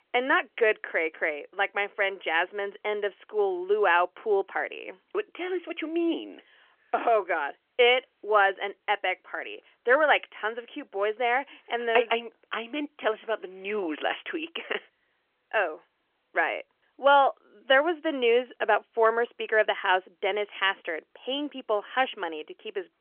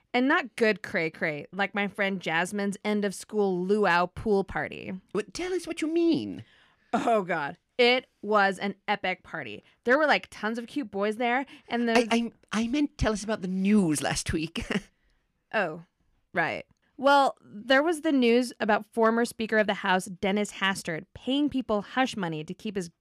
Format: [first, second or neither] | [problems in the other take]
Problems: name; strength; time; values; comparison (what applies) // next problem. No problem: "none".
second | phone-call audio; nothing above 3 kHz